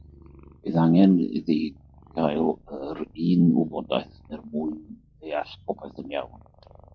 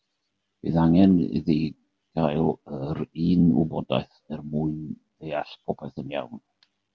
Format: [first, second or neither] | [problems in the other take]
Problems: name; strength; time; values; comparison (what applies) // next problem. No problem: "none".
second | noise reduction (classical method log-MMSE)